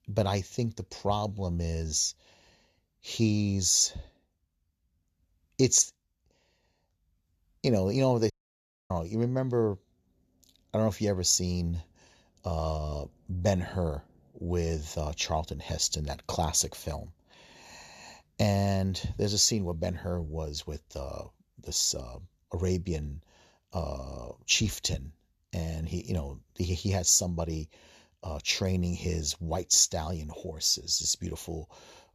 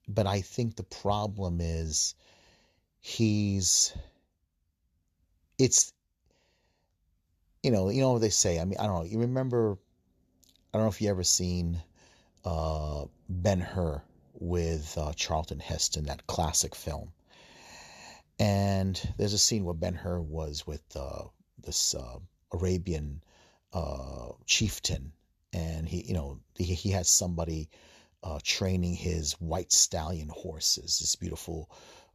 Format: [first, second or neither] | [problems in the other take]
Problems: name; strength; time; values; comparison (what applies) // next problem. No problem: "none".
second | audio cutting out; at 8.5 s for 0.5 s